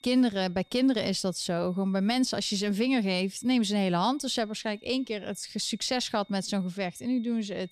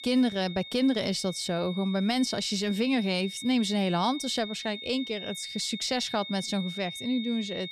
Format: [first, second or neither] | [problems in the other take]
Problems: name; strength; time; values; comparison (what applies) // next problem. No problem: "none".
first | high-pitched whine; loud; throughout; 3.5 kHz, 10 dB below the speech; faint in the first